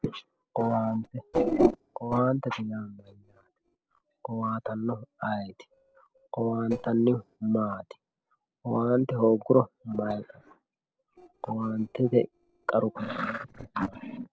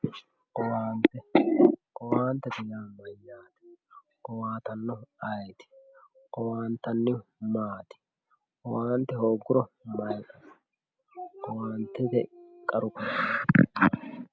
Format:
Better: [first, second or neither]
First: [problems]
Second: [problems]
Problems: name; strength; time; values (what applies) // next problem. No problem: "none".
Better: second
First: noise reduction (neural separator model SepFormer DNS4)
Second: none